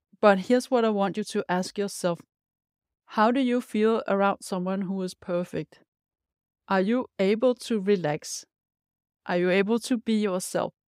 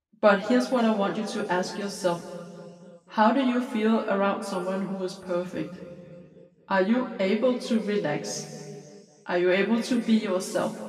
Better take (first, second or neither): first